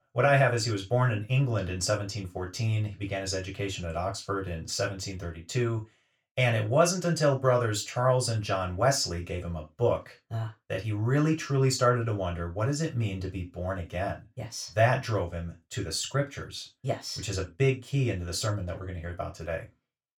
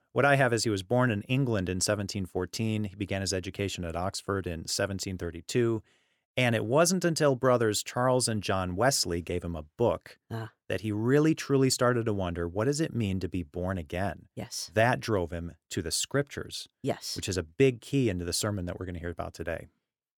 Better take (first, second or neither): second